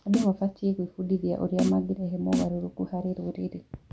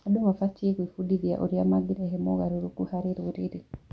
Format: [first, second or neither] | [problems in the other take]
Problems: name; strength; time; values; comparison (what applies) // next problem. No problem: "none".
second | background sound (Snare drum); 5 dB below the speech